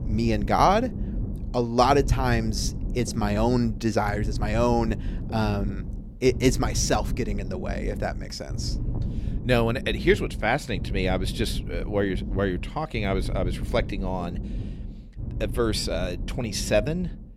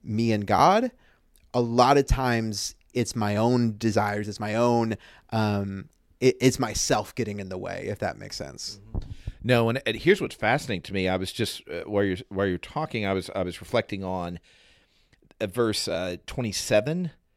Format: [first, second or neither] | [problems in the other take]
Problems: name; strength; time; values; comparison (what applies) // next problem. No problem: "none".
second | low rumble; noticeable; throughout; 15 dB below the speech